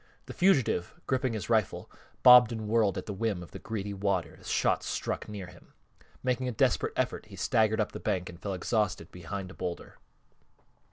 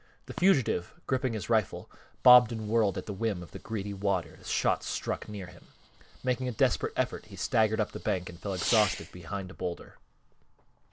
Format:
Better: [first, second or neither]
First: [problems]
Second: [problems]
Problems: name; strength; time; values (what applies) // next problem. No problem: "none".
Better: first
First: none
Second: background sound (Fireworks); 16 dB below the speech